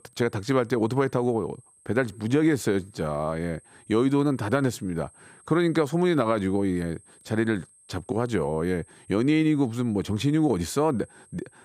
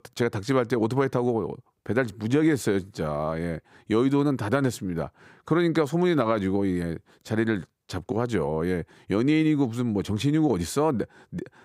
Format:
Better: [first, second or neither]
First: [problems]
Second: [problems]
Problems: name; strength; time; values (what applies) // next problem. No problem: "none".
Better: second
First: high-pitched whine; faint; throughout; 8.5 kHz, 30 dB below the speech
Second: none